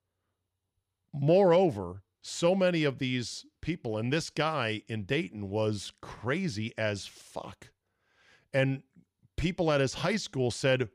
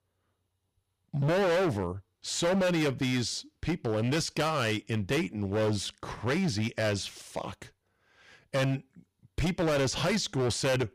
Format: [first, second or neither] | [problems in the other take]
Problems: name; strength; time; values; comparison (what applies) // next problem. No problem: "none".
first | distortion; heavy; 15% of the sound clipped